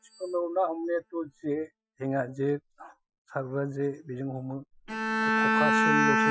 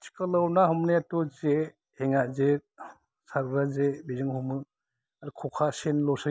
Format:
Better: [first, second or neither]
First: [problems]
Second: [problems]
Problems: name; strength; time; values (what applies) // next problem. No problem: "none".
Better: second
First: noise reduction (classical method Wiener filter)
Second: none